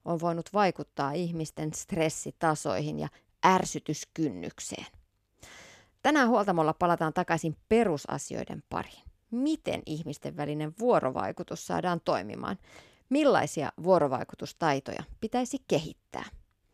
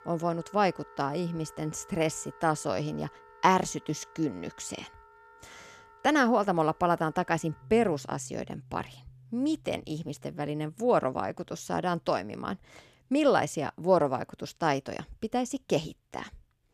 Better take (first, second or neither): first